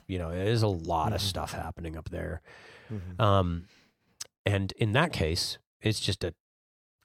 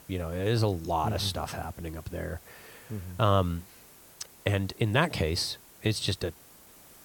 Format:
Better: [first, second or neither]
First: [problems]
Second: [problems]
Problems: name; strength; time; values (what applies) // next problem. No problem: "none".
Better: first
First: none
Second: hiss; faint; throughout; 20 dB below the speech